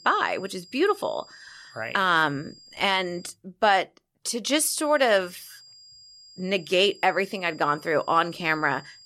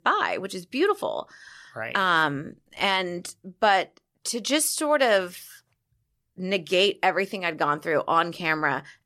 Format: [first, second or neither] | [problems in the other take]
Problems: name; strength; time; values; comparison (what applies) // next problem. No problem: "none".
second | high-pitched whine; faint; until 3.5 s and from 4.5 s on; 5 kHz, 25 dB below the speech